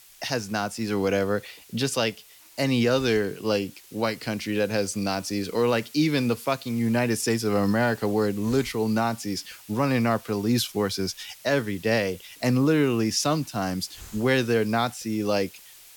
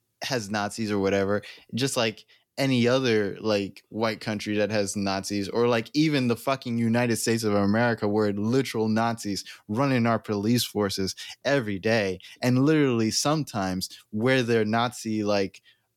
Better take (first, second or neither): second